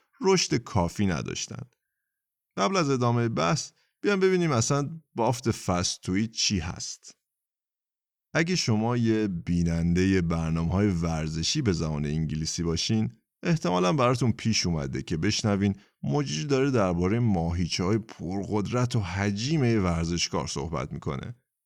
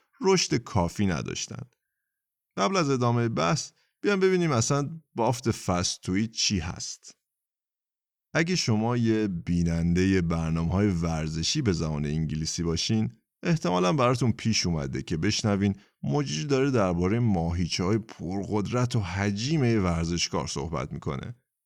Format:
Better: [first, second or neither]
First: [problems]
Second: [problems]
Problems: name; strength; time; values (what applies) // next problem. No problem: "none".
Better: neither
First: none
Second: none